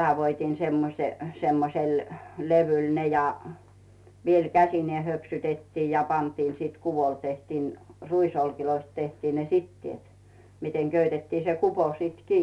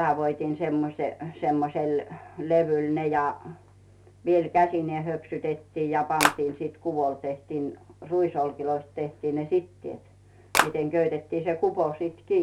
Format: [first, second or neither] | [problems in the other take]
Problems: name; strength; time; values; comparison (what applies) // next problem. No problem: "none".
first | background sound (Clapping); 3 dB above the speech